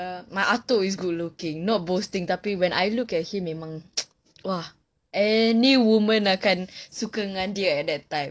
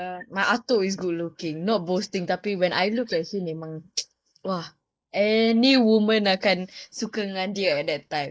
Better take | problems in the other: first | noise reduction (neural mask model Resemble Enhance denoiser)

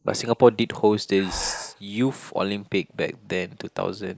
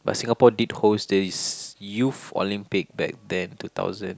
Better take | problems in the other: second | noise reduction (neural mask model Resemble Enhance denoiser)

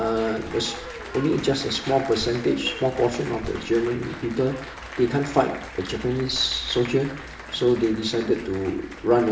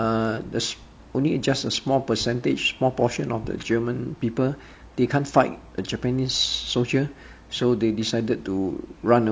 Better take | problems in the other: second | background sound (Applause); 14 dB below the speech // room echo; dies away in 0.7 s

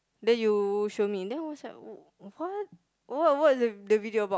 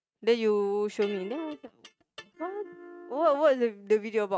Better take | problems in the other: first | noise reduction (neural mask model RNNoise)

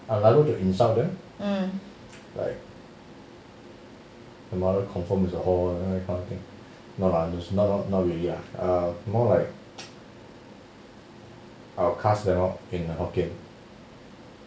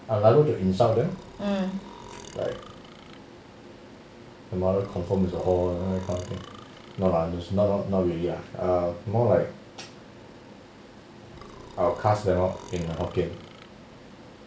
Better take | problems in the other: first | background sound (Burping, eructation); 20 dB below the speech

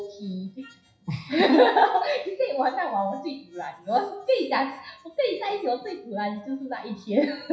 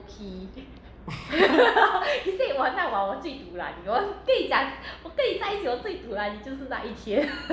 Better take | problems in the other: second | noise reduction (classical method WPE with log-MMSE)

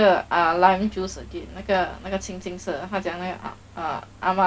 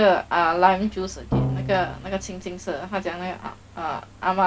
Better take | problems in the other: first | background sound (Drum); 4 dB below the speech

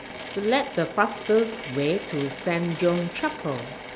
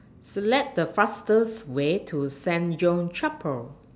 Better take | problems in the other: second | background sound (Drill / Mechanisms); 12 dB below the speech

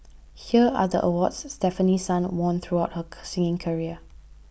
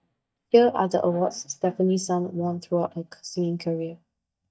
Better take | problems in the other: first | noise reduction (neural mask model DeepFilterNet 3)

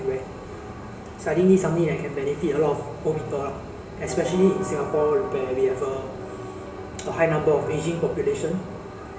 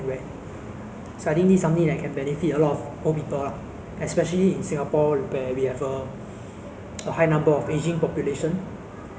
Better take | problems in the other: second | background sound (Train); 14 dB below the speech // room echo; dies away in 0.8 s

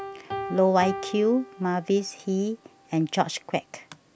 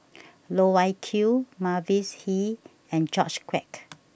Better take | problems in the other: second | background sound (Piano); 13 dB below the speech

